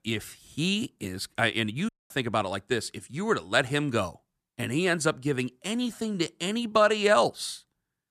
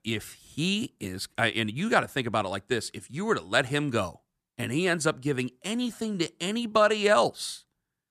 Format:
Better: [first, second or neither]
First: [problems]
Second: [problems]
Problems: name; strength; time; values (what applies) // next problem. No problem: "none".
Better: second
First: audio cutting out; at 2 s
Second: none